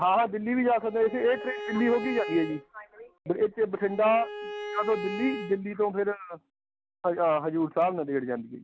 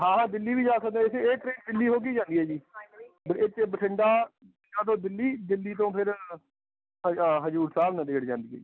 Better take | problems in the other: second | background sound (Bowed string instrument); 10 dB below the speech

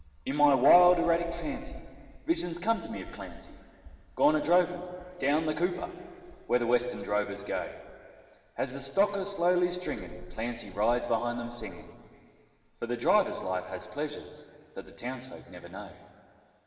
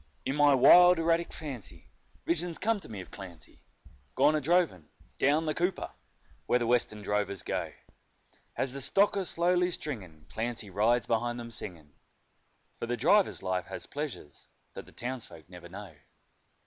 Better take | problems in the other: second | room echo; dies away in 2.7 s

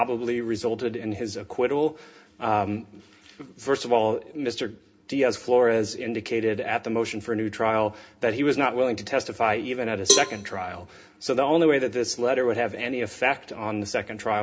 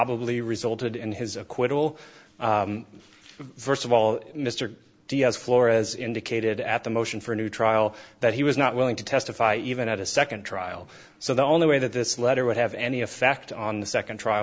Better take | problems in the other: second | background sound (Cowbell); 3 dB below the speech // room echo; dies away in 0.3 s

